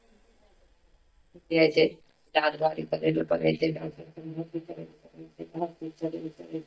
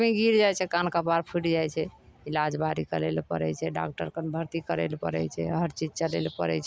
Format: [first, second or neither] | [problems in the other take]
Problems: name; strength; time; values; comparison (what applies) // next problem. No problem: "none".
second | noise reduction (neural mask model DeepFilterNet 3)